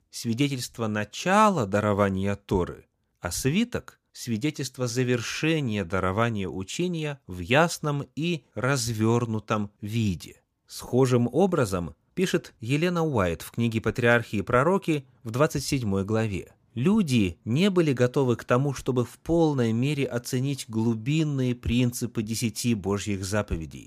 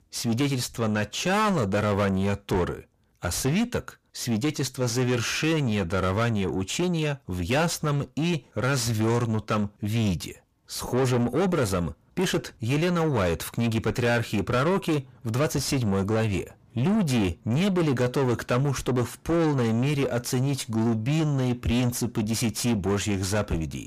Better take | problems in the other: first | distortion; heavy; 7 dB below the speech

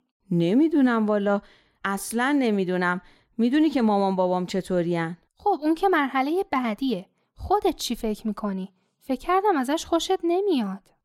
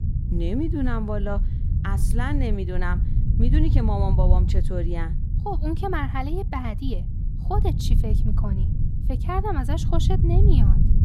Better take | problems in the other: first | low rumble; loud; throughout; 8 dB below the speech

